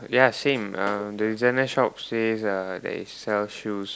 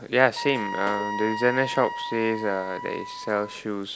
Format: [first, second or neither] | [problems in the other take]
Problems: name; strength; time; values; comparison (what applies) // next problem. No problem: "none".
first | background sound (Wind instrument, woodwind instrument); 8 dB below the speech